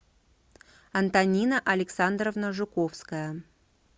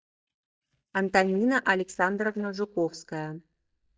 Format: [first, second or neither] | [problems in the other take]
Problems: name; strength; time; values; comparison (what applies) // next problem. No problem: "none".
first | noise reduction (neural mask model DeepFilterNet 3)